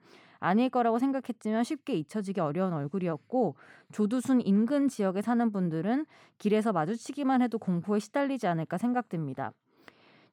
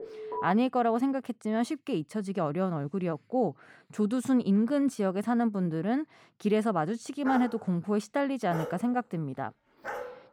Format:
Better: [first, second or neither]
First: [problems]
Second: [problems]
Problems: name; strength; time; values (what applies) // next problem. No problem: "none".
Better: first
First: none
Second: alarm; noticeable; at the start; peak 6 dB below the speech // dog barking; noticeable; from 7.5 s on; peak 8 dB below the speech